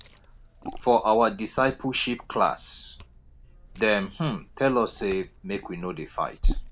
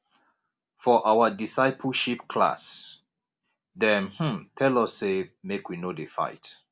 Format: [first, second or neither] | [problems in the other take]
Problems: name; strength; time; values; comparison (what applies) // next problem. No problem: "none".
second | background sound (Liquid); 7 dB below the speech